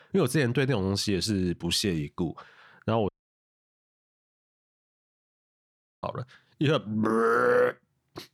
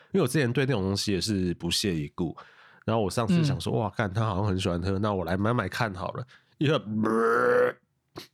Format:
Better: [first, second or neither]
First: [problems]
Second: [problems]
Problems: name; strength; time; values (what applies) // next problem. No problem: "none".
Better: second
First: audio cutting out; at 3 s for 3 s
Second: none